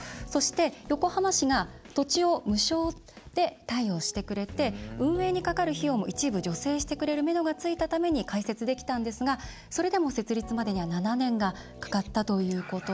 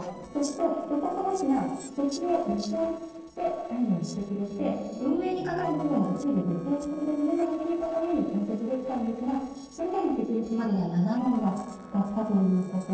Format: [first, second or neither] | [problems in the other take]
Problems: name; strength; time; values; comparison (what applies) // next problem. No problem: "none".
first | noise reduction (neural separator model SepFormer DNS4)